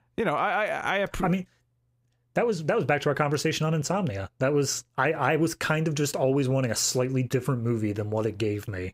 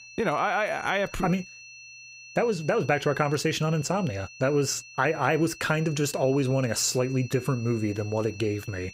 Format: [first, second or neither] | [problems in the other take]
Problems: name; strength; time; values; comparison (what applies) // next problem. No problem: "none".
first | high-pitched whine; noticeable; throughout; 2.5 kHz, 15 dB below the speech